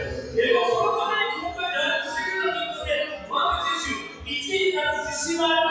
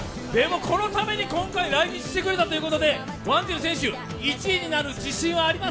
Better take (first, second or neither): second